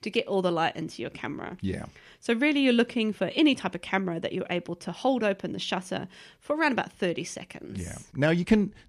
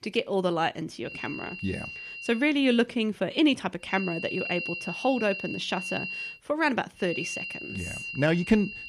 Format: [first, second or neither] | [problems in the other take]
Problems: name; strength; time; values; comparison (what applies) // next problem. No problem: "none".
first | high-pitched whine; loud; from 1 to 2.5 s, from 4 to 6.5 s and from 7 s on; 3 kHz, 7 dB below the speech